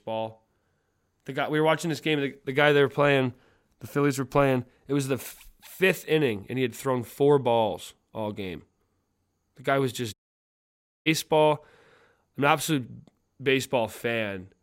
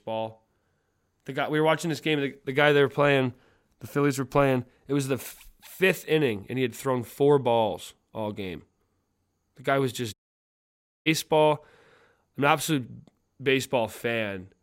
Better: neither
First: audio cutting out; at 10 s for 1 s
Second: audio cutting out; at 10 s for 1 s

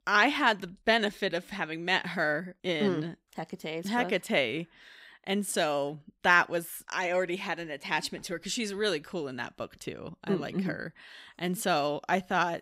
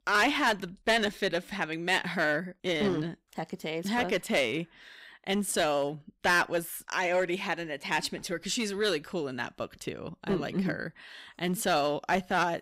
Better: first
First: none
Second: distortion; slight; 4% of the sound clipped

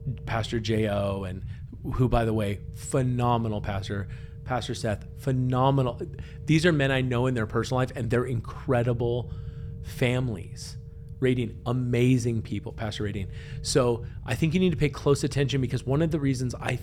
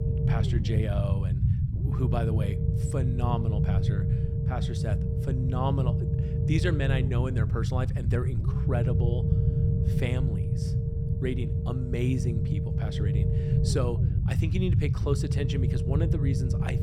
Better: first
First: low rumble; faint; throughout; 25 dB below the speech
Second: low rumble; loud; throughout; 2 dB below the speech

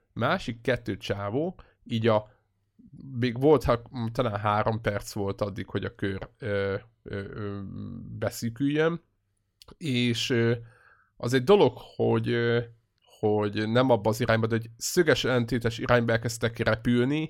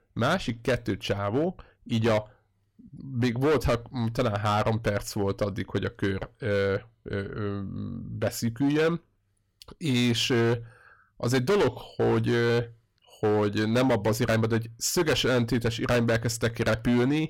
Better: first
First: none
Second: distortion; heavy; 10% of the sound clipped

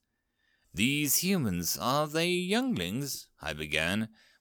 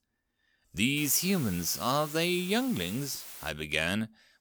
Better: first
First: none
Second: hiss; noticeable; from 1 to 3.5 s; 10 dB below the speech

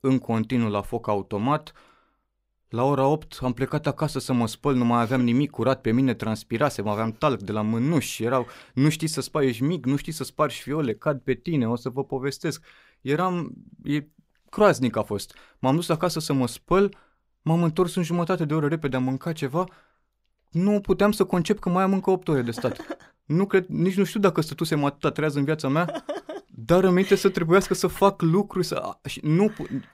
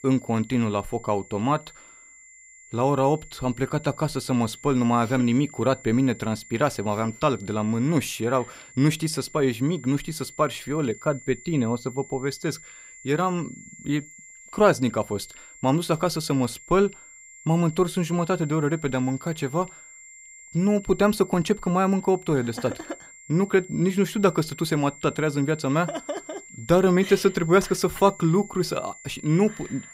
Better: first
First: none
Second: high-pitched whine; noticeable; throughout; 2 kHz, 20 dB below the speech

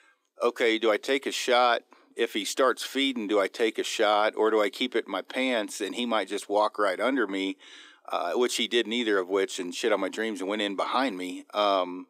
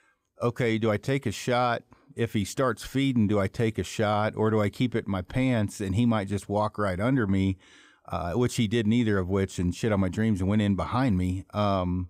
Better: second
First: thin; somewhat; fading below 300 Hz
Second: none

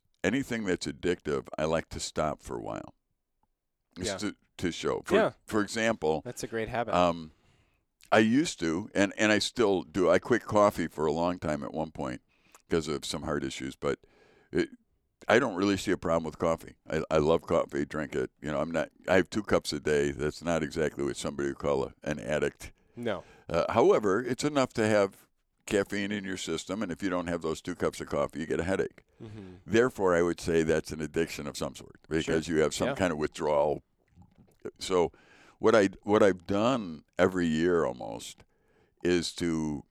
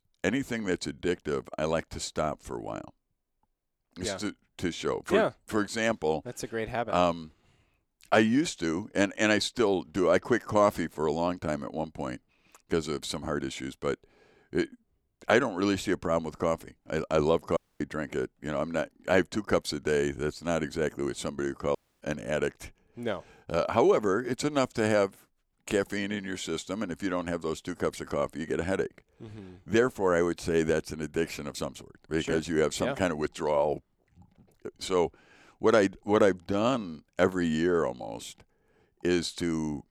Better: first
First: none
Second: audio cutting out; at 18 s and at 22 s

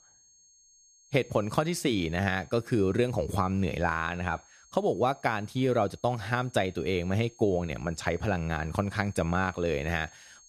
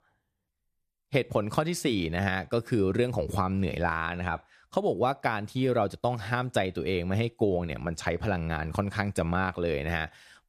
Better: second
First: high-pitched whine; faint; throughout; 6.5 kHz, 25 dB below the speech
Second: none

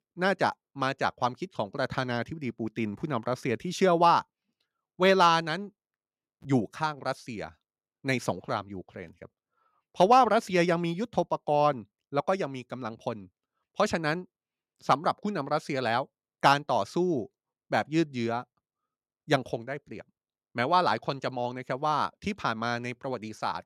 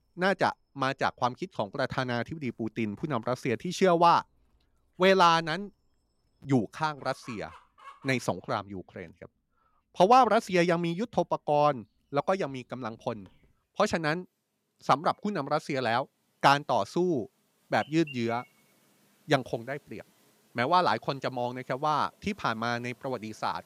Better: first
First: none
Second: animal sounds; faint; throughout; 25 dB below the speech

